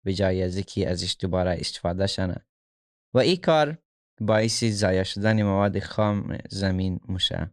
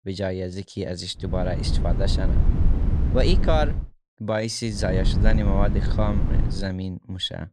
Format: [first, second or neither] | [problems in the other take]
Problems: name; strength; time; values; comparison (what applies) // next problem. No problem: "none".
first | low rumble; loud; from 1.5 to 3.5 s and from 5 to 6.5 s; 8 dB below the speech